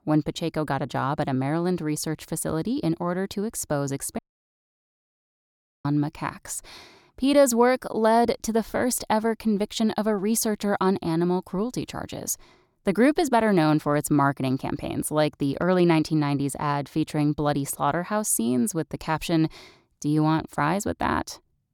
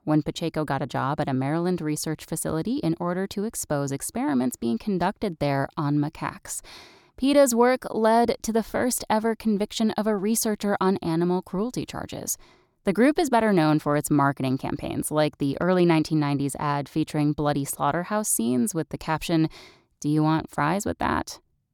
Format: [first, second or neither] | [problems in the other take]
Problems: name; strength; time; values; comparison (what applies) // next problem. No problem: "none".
second | audio cutting out; at 4 s for 1.5 s